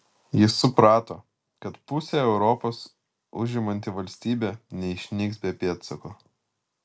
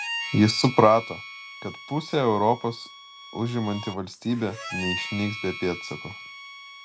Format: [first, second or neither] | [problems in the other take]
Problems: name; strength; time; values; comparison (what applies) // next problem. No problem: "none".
first | background sound (Harmonica); 11 dB below the speech